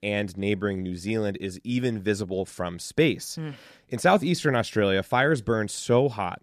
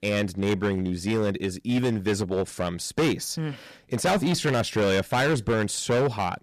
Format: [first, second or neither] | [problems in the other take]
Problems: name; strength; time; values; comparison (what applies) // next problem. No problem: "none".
first | distortion; heavy; 14% of the sound clipped